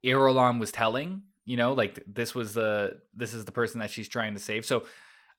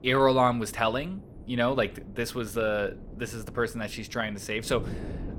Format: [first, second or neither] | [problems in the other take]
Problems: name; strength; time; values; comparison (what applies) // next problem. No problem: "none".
first | wind noise on the microphone; occasional gusts; 20 dB below the speech